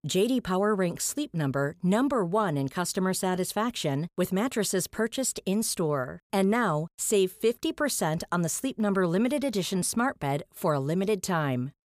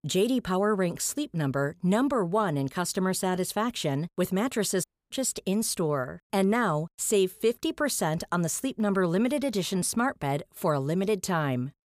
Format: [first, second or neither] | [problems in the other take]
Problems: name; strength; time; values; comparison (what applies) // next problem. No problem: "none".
first | audio cutting out; at 5 s